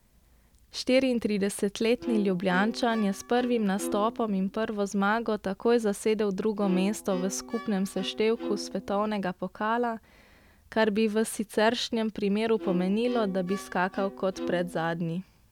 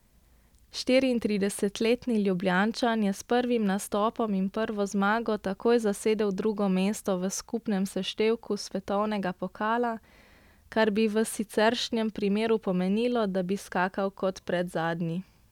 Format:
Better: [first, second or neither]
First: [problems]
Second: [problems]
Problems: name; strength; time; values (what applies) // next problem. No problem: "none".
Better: second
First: background sound (Bowed string instrument); 11 dB below the speech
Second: none